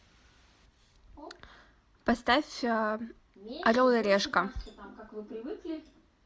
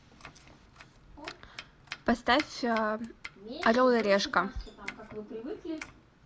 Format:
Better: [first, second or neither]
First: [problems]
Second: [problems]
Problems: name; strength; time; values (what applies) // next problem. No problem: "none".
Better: first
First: none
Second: background sound (Domestic sounds, home sounds); 17 dB below the speech